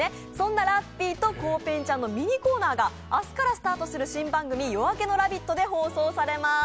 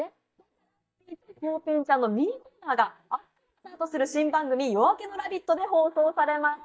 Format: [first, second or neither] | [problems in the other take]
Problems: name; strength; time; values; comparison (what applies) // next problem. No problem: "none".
first | noise reduction (neural mask model DeepFilterNet 3)